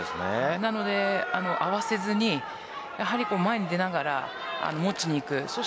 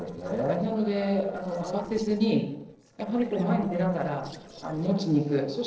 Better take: first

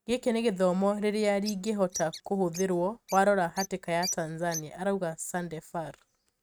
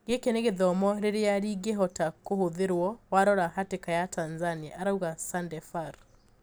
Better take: second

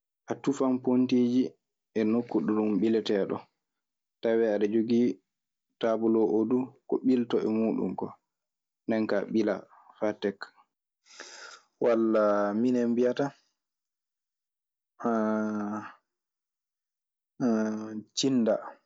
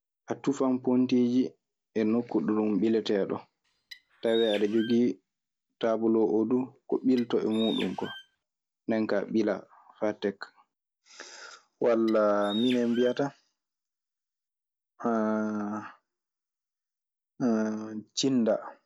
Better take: first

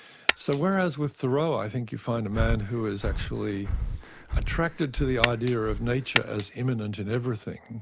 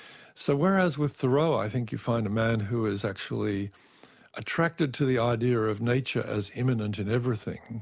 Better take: second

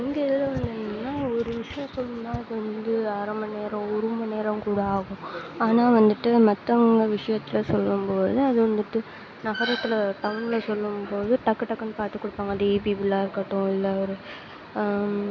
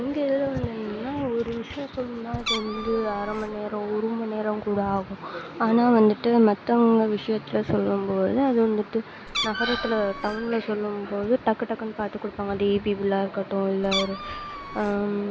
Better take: first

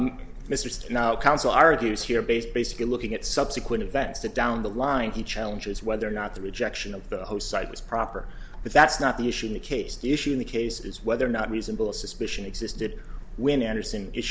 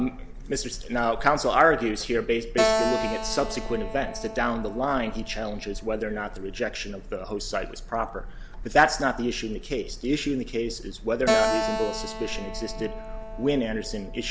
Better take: first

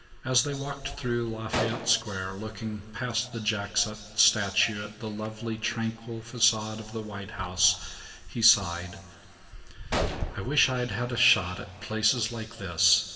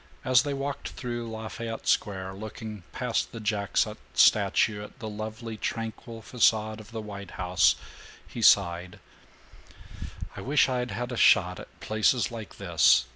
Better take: second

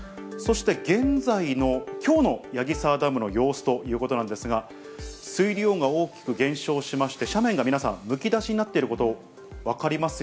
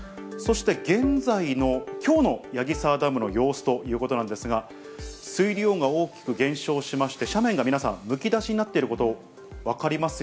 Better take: first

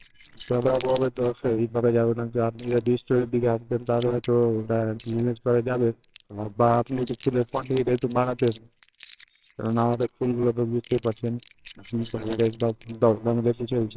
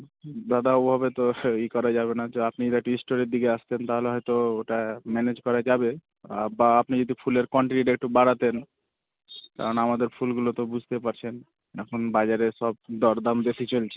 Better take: second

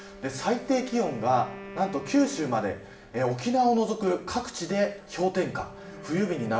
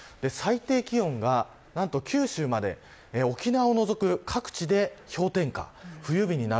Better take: second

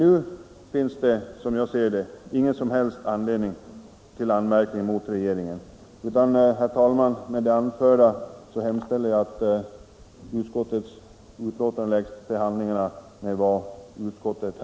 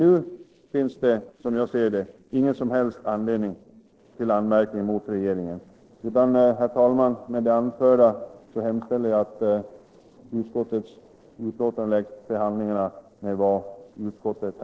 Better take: first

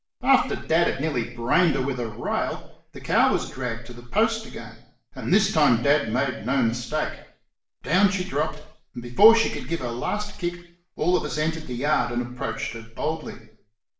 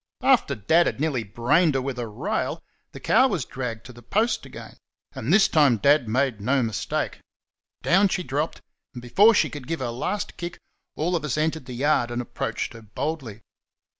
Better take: second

